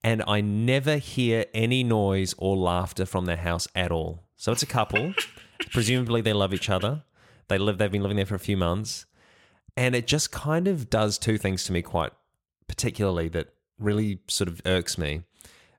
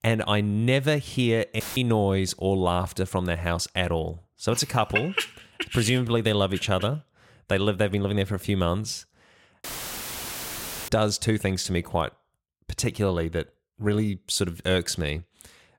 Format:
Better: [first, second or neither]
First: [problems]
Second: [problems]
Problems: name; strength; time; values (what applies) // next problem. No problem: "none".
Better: first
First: none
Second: audio cutting out; filled with static; at 1.5 s and at 9.5 s for 1 s